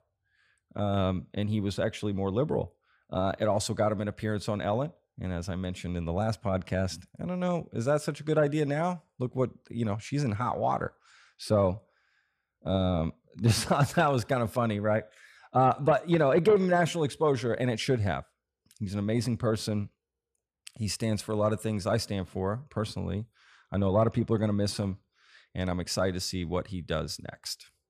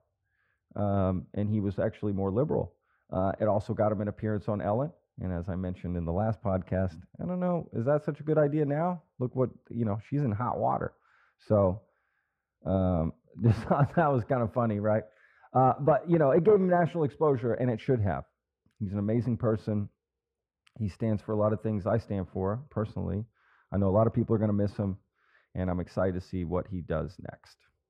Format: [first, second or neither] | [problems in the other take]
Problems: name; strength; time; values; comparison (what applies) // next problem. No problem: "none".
first | muffled; very; fading above 2.5 kHz